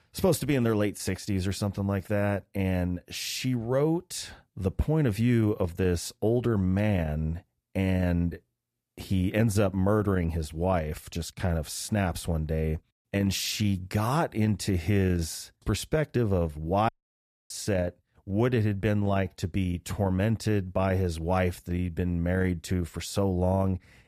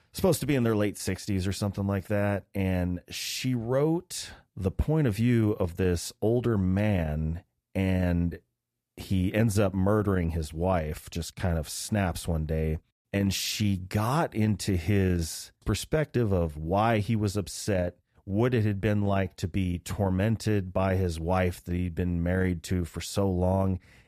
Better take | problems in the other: second | audio cutting out; at 17 s for 0.5 s

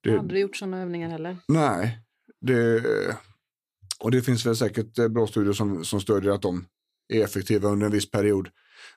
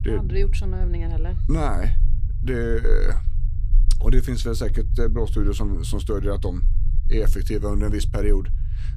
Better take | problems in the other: first | low rumble; noticeable; throughout; 15 dB below the speech

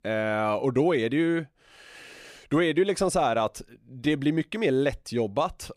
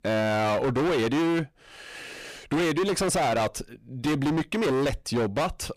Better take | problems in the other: first | distortion; heavy; 28% of the sound clipped

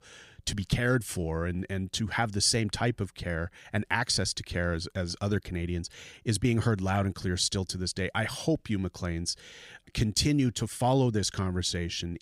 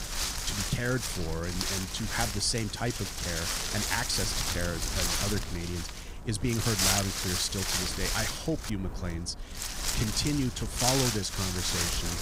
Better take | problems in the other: first | wind noise on the microphone; heavy; 3 dB above the speech

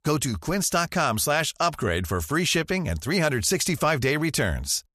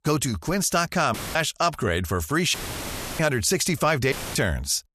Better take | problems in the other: first | audio cutting out; filled with static; at 1 s, at 2.5 s for 0.5 s and at 4 s

